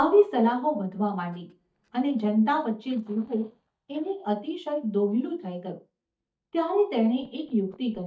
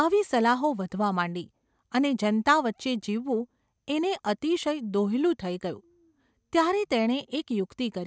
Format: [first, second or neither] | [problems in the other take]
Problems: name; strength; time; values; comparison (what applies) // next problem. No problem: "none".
second | noise reduction (neural mask model DeepFilterNet 3)